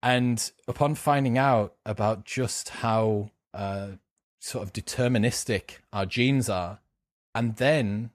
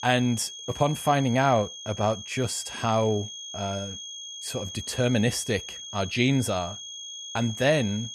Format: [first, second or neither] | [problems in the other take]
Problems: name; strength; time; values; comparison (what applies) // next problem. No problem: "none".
first | high-pitched whine; noticeable; throughout; 3.5 kHz, 10 dB below the speech